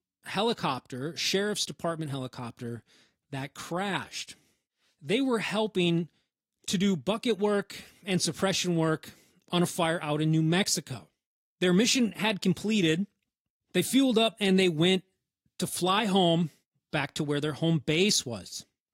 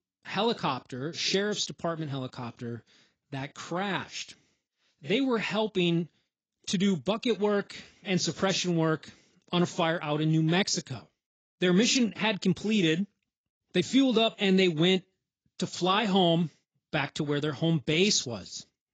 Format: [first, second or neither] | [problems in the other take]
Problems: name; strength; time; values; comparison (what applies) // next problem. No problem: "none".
first | garbled, watery; badly; nothing above 7.5 kHz; slightly in the first